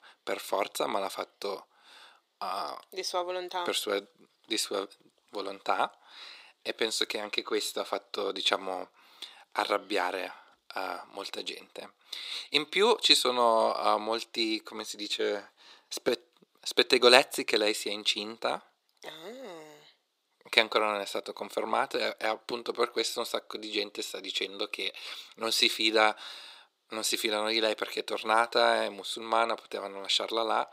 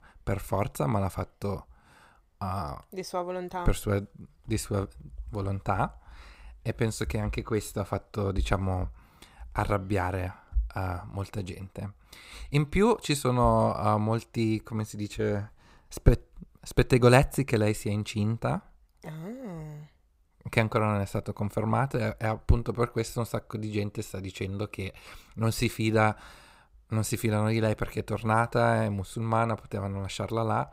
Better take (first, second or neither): second